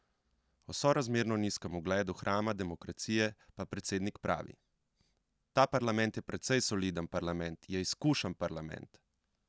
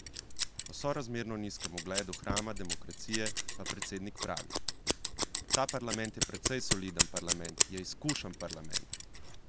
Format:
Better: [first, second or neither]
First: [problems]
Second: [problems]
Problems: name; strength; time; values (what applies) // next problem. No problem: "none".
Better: first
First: none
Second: background sound (Scissors); 4 dB above the speech